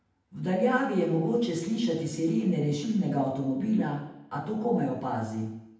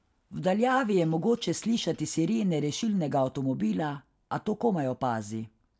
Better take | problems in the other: second | room echo; dies away in 0.8 s

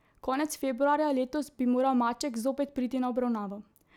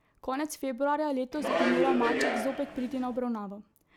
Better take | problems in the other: first | background sound (Subway, metro, underground); 1 dB above the speech

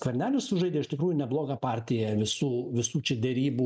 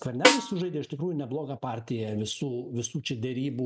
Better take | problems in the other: first | background sound (Snare drum); 5 dB above the speech

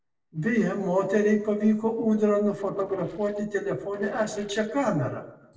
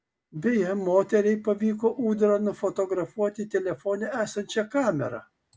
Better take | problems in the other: second | noise reduction (neural separator model SepFormer DNS4)

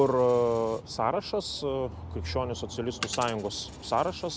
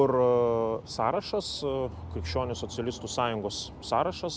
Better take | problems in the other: second | background sound (Coin (dropping)); 18 dB below the speech

